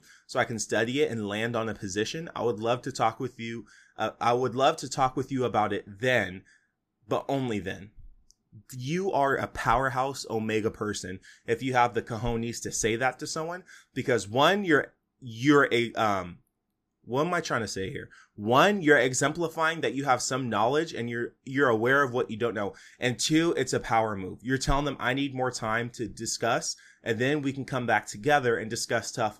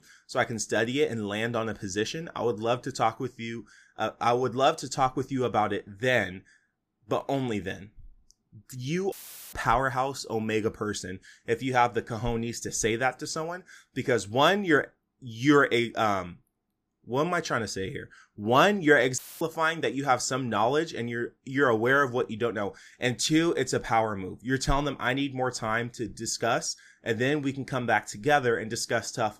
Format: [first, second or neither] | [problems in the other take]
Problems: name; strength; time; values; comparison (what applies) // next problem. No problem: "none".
first | audio cutting out; filled with static; at 9 s and at 19 s